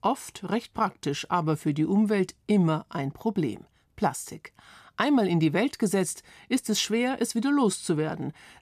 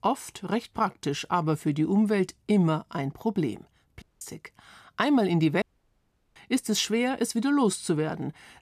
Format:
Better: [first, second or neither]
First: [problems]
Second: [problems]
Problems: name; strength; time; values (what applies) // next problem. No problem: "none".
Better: first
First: none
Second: audio cutting out; at 4 s and at 5.5 s for 0.5 s